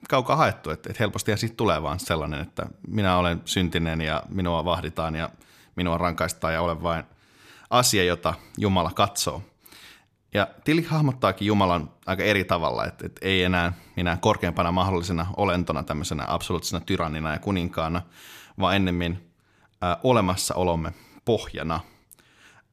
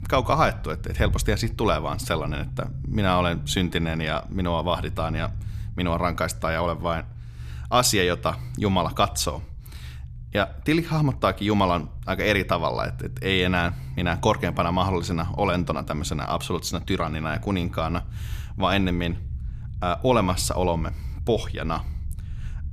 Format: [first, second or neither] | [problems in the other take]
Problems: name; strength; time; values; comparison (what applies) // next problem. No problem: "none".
first | low rumble; faint; throughout; 25 dB below the speech